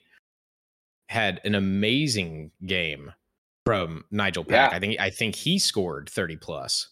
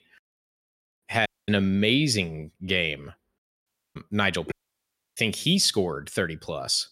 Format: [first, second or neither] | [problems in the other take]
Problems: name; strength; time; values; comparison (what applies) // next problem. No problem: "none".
first | audio cutting out; at 1.5 s, at 3.5 s and at 4.5 s for 0.5 s